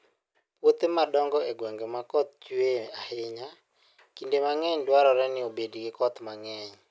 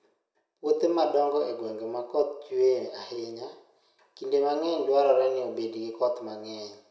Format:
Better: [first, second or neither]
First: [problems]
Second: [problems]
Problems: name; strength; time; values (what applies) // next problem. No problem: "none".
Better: first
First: none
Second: room echo; dies away in 0.6 s